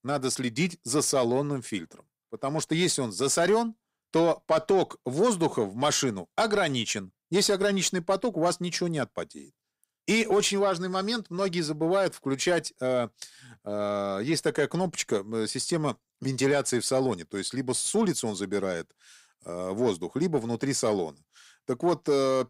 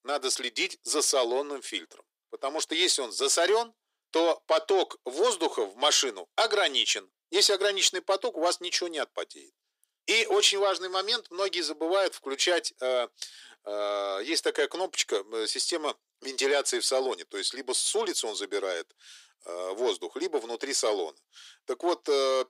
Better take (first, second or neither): first